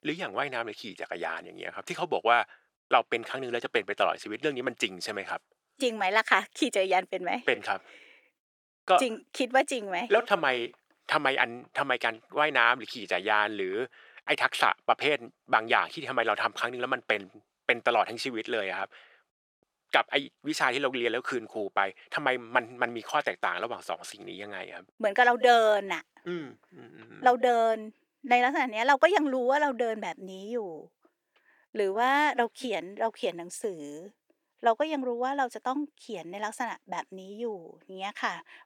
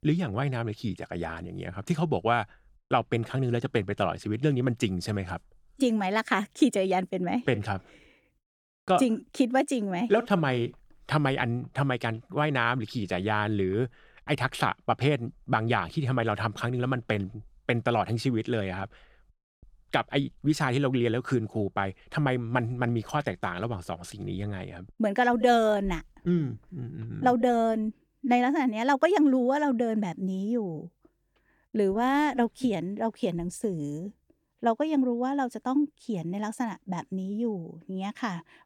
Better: second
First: thin; somewhat; fading below 500 Hz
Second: none

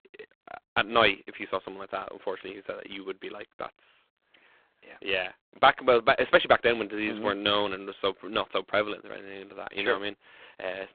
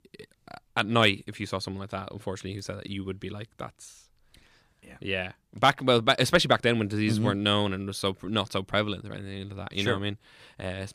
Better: second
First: phone-call audio; poor line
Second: none

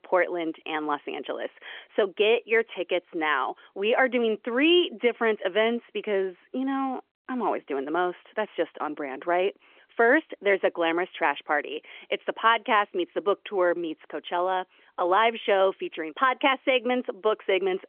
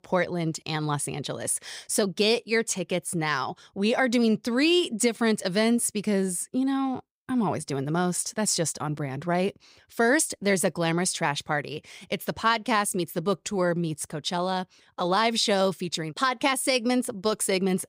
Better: second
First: phone-call audio; nothing above 3.5 kHz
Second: none

